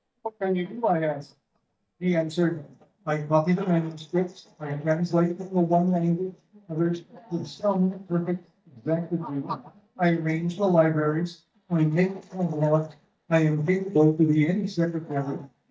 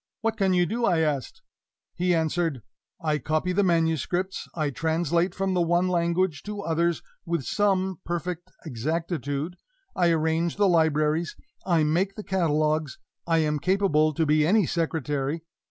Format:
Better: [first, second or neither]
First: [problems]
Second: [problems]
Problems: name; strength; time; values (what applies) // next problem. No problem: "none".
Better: second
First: noise reduction (neural mask model DeepFilterNet 3)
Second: none